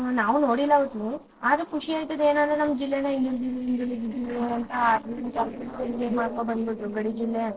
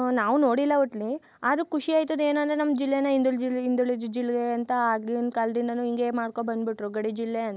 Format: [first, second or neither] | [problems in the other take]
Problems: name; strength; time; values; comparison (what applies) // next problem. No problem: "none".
second | noise reduction (neural separator model SepFormer DNS4)